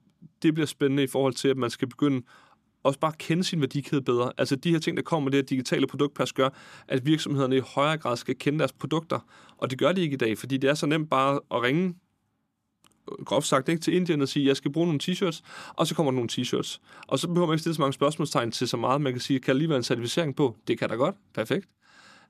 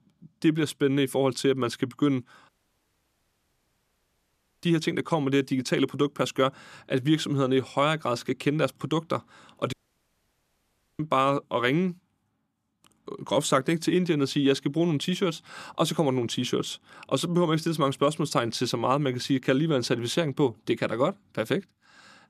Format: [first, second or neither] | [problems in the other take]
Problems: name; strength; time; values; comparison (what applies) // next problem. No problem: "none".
first | audio cutting out; at 2.5 s for 2 s and at 9.5 s for 1.5 s